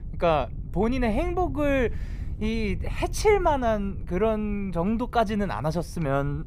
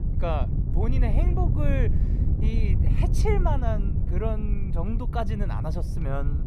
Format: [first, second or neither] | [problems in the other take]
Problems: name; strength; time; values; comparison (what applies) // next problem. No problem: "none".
first | wind noise on the microphone; heavy; 6 dB below the speech; occasional gusts in the first